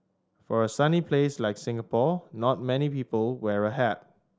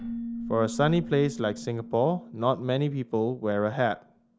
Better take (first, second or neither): first